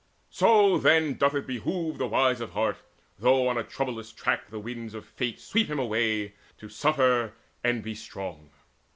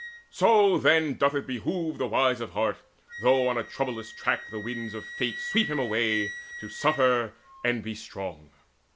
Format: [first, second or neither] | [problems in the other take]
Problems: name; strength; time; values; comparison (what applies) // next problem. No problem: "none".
first | background sound (Wind instrument, woodwind instrument); 14 dB below the speech